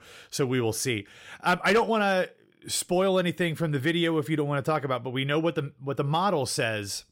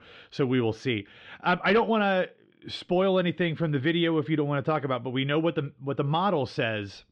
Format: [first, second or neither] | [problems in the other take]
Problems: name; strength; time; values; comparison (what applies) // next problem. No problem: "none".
first | muffled; slightly; fading above 3.5 kHz